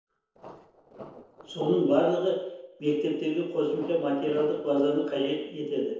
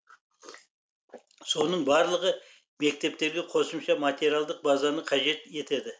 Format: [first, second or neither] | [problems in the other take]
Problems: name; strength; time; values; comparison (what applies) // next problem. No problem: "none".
second | noise reduction (neural separator model SepFormer DNS4)